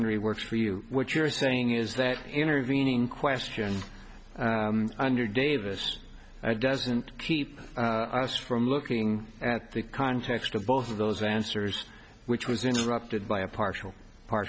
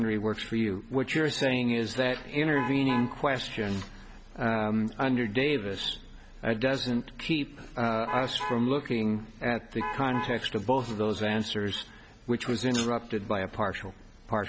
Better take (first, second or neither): first